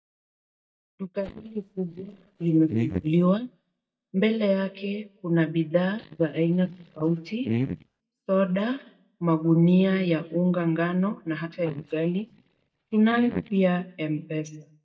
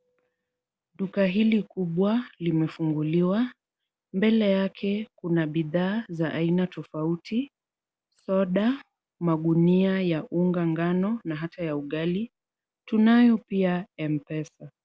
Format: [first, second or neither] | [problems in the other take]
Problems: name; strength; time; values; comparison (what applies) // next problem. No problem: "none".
second | noise reduction (neural mask model DeepFilterNet 3)